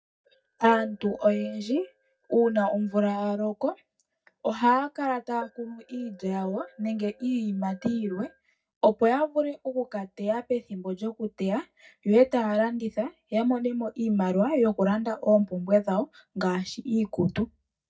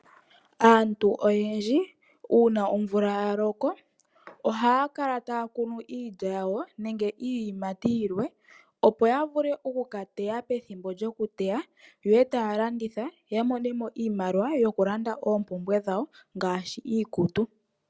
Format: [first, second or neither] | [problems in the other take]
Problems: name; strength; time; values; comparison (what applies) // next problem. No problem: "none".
second | noise reduction (neural mask model DeepFilterNet 3)